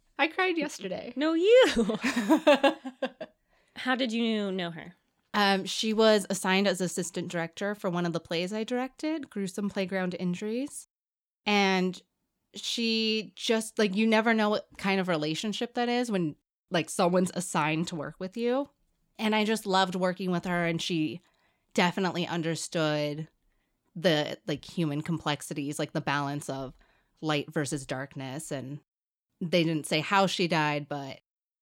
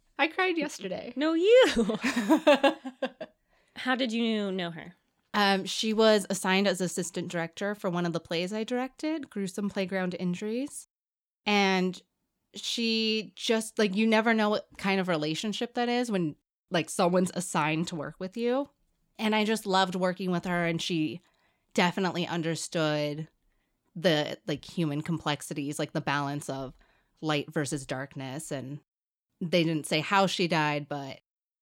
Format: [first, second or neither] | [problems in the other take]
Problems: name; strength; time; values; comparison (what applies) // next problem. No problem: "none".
neither | none